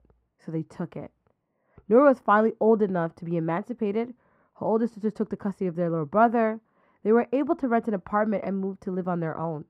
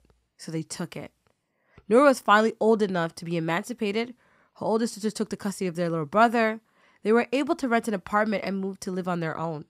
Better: second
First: muffled; very; fading above 2.5 kHz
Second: none

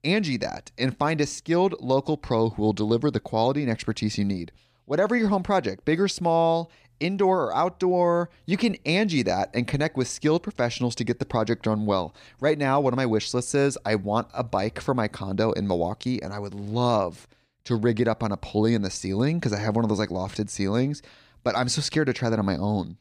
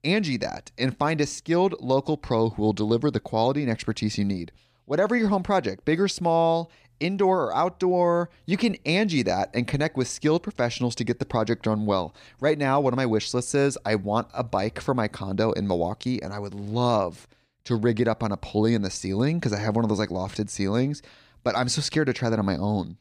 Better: neither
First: none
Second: none

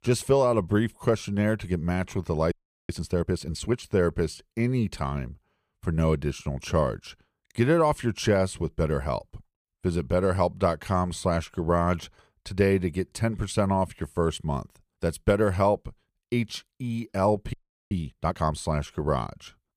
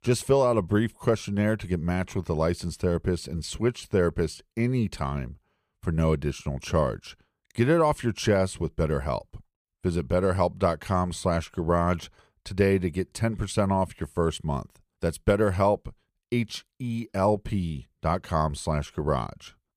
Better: second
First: audio freezing; at 2.5 s and at 18 s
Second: none

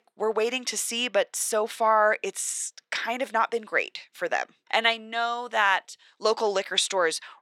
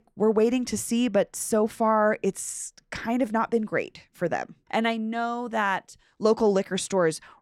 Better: second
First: thin; very; fading below 550 Hz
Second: none

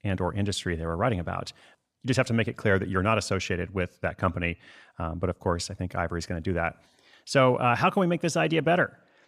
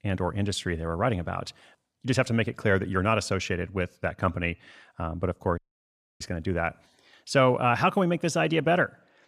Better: first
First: none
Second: audio cutting out; at 5.5 s for 0.5 s

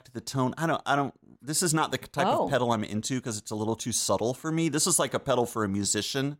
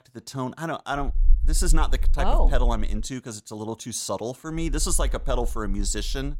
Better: first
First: none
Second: low rumble; faint; from 1 to 3 s and from 4.5 s on; 25 dB below the speech

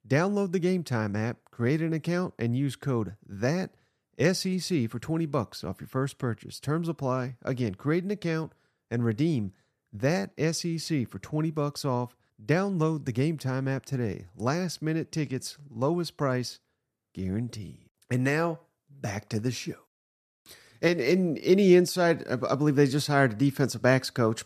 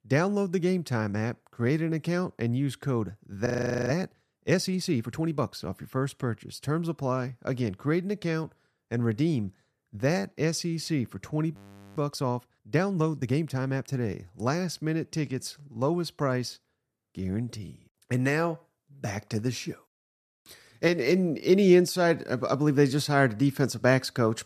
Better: first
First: none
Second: audio freezing; at 3.5 s and at 12 s

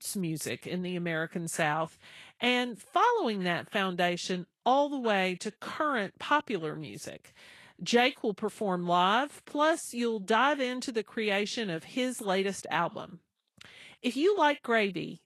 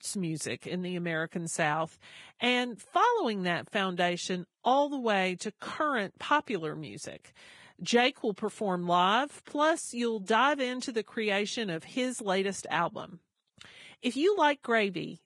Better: first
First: garbled, watery; slightly; nothing above 12.5 kHz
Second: garbled, watery; badly; nothing above 10.5 kHz

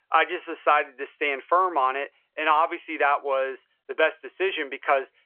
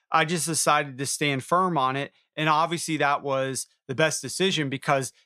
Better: second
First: phone-call audio; nothing above 3.5 kHz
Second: none

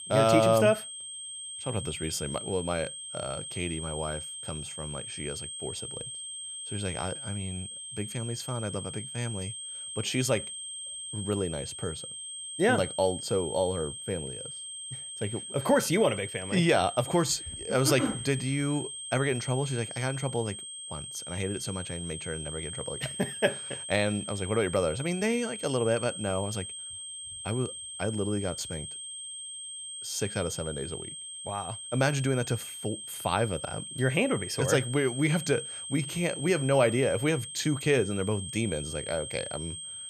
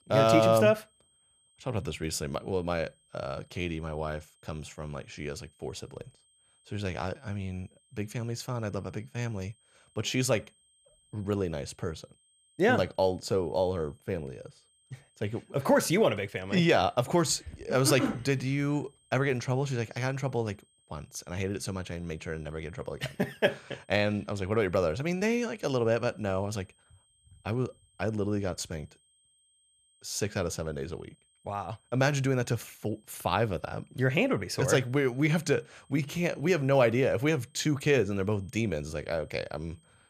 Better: second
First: high-pitched whine; loud; throughout; 8.5 kHz, 7 dB below the speech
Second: high-pitched whine; faint; throughout; 8.5 kHz, 35 dB below the speech

